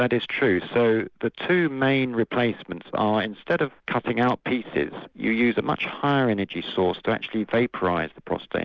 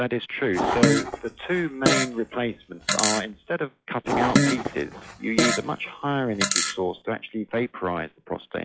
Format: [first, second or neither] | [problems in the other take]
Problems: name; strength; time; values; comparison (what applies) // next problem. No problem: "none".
first | noise reduction (classical method log-MMSE)